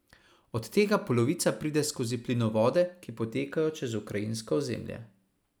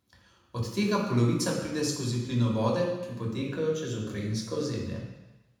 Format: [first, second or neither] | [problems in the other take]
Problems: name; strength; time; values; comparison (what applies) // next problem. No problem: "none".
first | room echo; dies away in 1 s